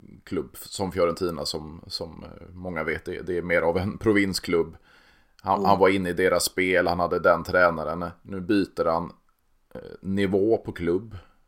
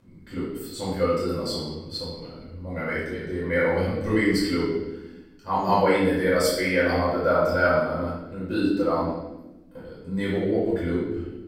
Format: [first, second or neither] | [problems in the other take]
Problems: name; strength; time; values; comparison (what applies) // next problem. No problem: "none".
first | off-mic speech; far // room echo; noticeable; dies away in 1 s